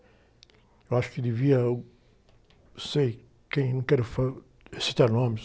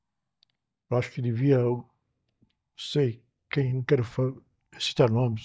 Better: first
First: none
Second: noise reduction (neural mask model DeepFilterNet 3)

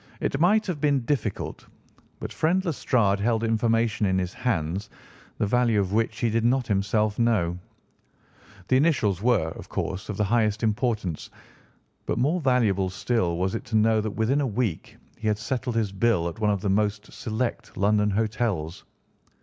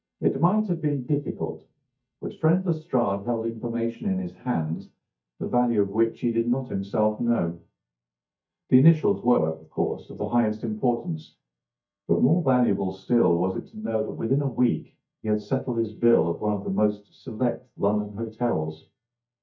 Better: first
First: none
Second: noise reduction (neural mask model DeepFilterNet 3)

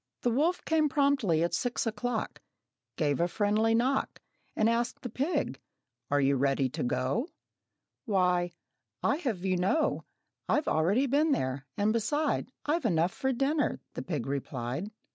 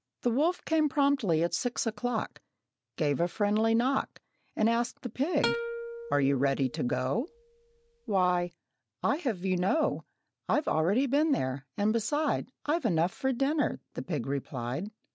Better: first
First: none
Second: background sound (Plucked string instrument); 9 dB below the speech

